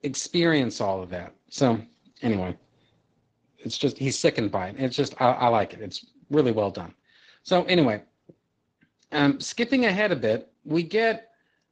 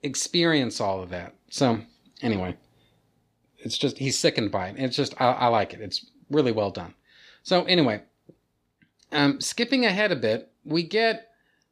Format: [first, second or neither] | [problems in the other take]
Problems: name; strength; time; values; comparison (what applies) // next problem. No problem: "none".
second | garbled, watery; slightly